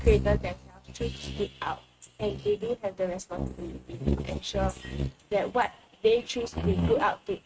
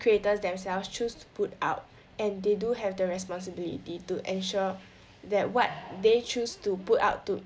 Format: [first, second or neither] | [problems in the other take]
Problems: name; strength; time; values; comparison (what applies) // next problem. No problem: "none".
second | noise reduction (neural mask model RNNoise)